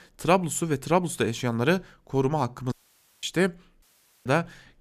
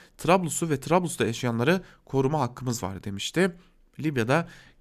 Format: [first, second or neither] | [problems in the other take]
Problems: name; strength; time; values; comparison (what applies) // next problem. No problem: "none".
second | audio cutting out; at 2.5 s for 0.5 s and at 4 s